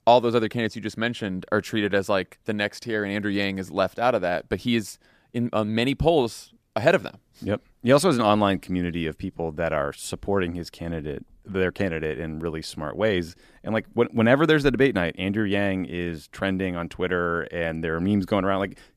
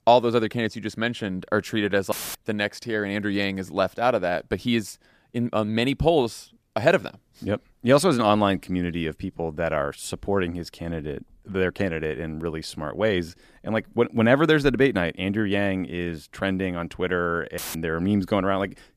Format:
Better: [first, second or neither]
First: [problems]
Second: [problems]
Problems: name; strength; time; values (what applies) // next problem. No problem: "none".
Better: first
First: none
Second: audio cutting out; filled with static; at 2 s and at 18 s